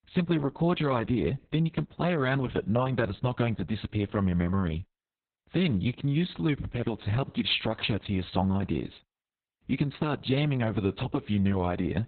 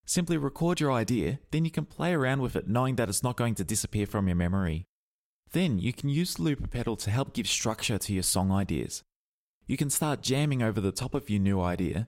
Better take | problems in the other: second | garbled, watery; badly; nothing above 4 kHz

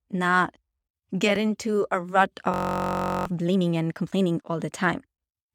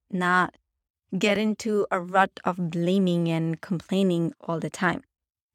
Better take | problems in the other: second | audio freezing; at 2.5 s for 0.5 s

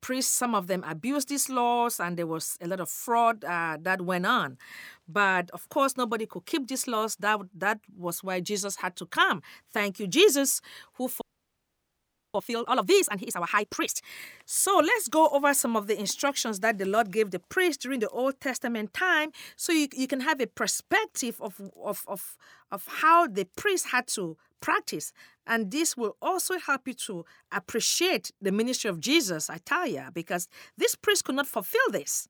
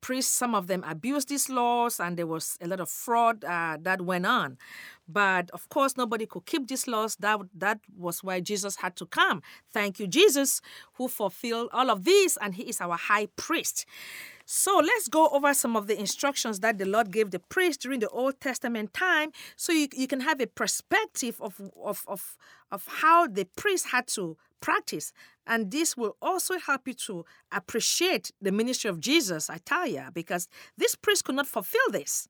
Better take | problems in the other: second | audio freezing; at 11 s for 1 s

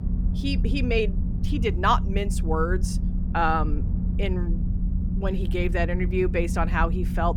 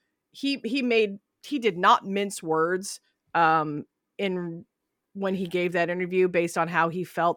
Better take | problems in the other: second | low rumble; noticeable; throughout; 15 dB below the speech

